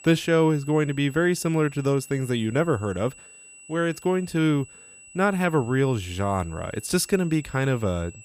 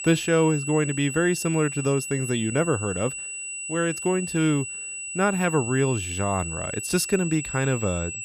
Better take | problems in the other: first | high-pitched whine; loud; throughout; 8 kHz, 6 dB below the speech; faint in the first

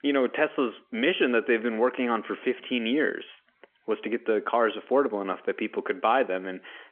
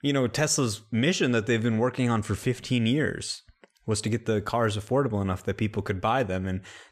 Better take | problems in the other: second | phone-call audio; nothing above 3.5 kHz

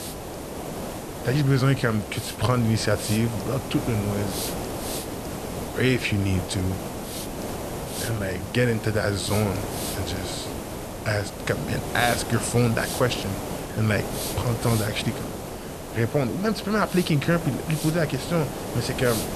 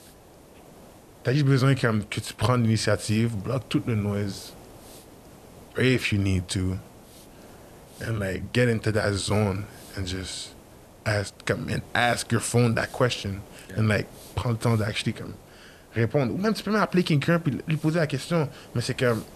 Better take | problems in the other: second | hiss; loud; throughout; 6 dB below the speech; faint in the second

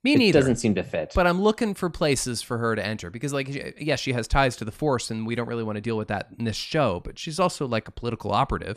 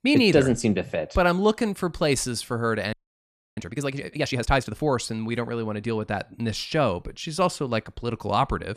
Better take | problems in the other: first | audio freezing; at 3 s for 0.5 s

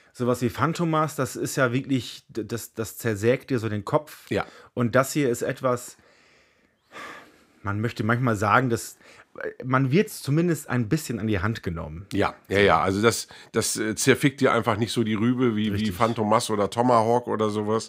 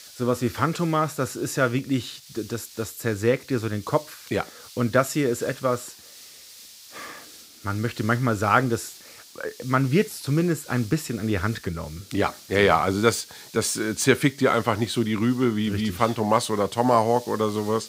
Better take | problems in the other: first | hiss; noticeable; throughout; 20 dB below the speech

